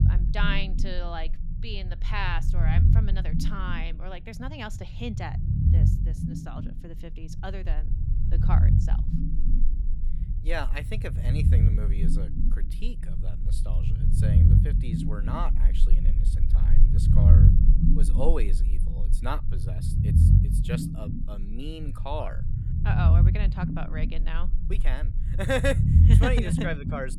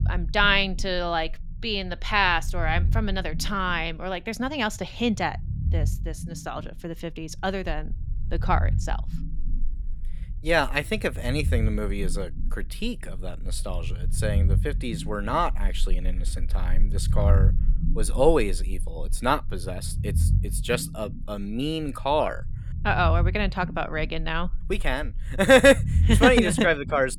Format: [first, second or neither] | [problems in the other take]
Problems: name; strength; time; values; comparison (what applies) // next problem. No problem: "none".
second | low rumble; loud; throughout; 4 dB below the speech; faint in the second